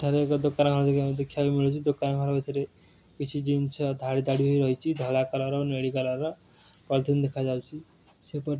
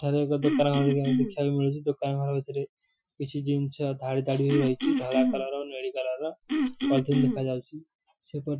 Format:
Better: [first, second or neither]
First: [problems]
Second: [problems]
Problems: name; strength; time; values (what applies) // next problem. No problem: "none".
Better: first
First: none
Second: noise reduction (classical method Wiener filter)